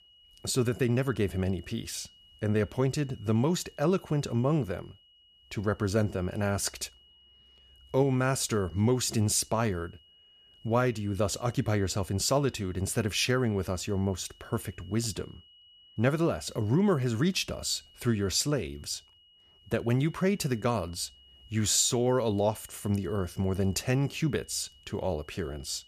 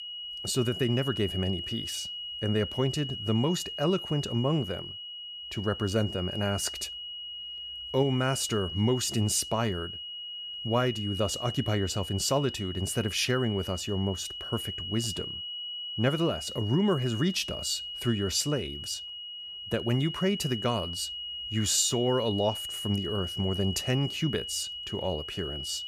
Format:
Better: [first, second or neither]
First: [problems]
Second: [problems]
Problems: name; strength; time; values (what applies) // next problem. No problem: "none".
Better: first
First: high-pitched whine; faint; throughout; 3 kHz, 25 dB below the speech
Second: high-pitched whine; loud; throughout; 3 kHz, 6 dB below the speech